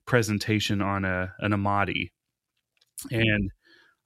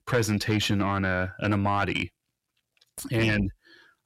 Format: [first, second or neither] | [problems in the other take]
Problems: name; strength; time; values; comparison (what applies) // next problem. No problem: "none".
first | distortion; slight; 10 dB below the speech